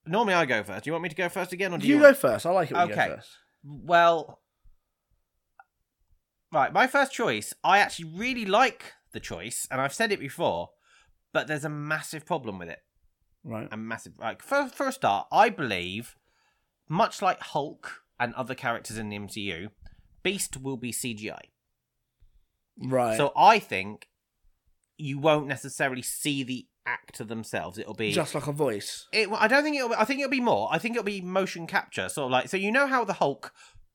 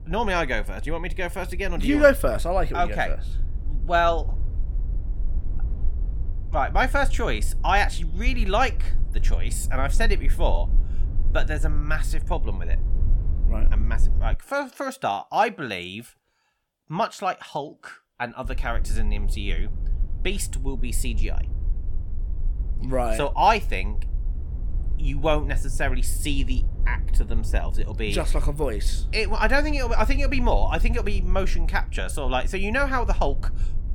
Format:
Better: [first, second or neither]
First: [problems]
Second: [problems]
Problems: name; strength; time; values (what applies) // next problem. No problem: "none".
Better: first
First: none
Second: low rumble; faint; until 14 s and from 18 s on; 25 dB below the speech